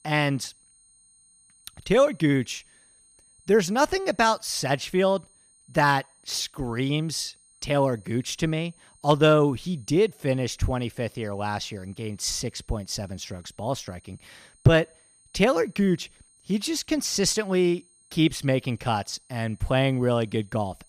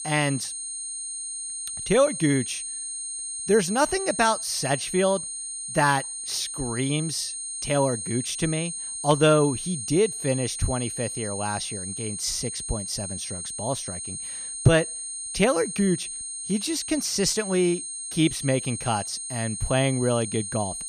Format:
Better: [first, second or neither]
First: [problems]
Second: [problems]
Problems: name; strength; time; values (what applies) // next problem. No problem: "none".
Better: first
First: high-pitched whine; faint; throughout; 8.5 kHz, 30 dB below the speech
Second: high-pitched whine; loud; throughout; 8.5 kHz, 5 dB below the speech